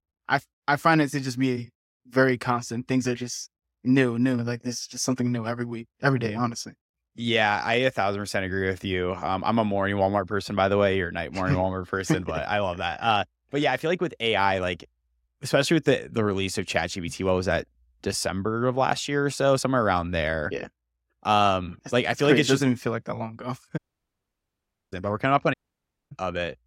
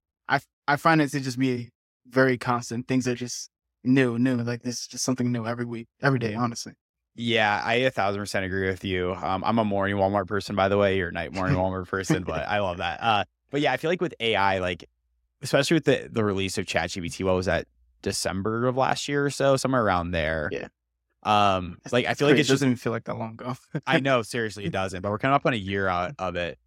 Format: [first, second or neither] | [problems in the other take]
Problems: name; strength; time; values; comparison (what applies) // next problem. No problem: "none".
second | audio cutting out; at 24 s for 1 s and at 26 s for 0.5 s